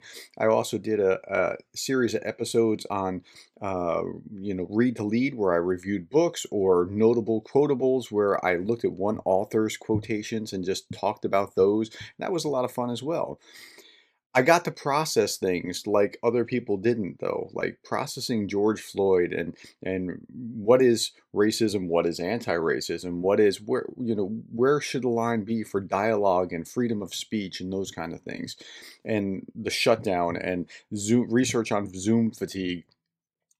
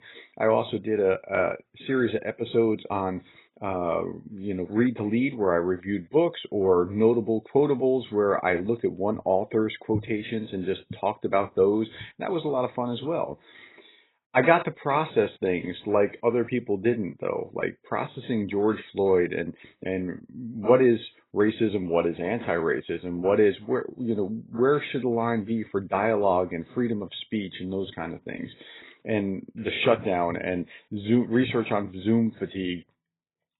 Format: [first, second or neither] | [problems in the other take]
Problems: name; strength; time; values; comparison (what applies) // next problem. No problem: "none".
first | garbled, watery; badly; nothing above 4 kHz